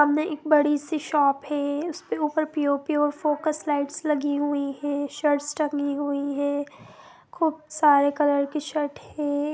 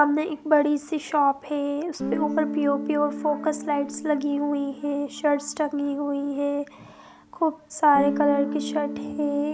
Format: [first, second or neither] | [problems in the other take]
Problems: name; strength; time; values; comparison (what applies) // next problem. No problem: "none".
first | background sound (Guitar); 9 dB below the speech